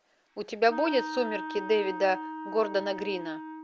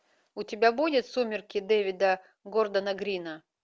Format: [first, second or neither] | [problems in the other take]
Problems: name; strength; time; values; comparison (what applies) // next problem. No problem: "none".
second | background sound (Wind instrument, woodwind instrument); 9 dB below the speech